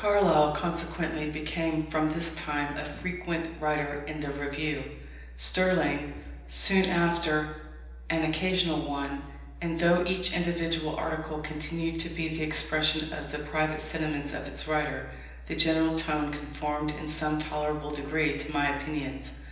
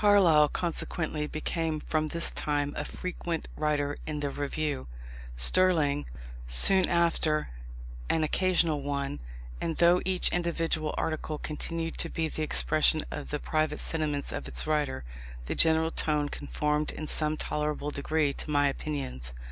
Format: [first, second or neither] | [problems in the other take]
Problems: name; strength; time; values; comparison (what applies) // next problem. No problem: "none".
second | room echo; dies away in 0.9 s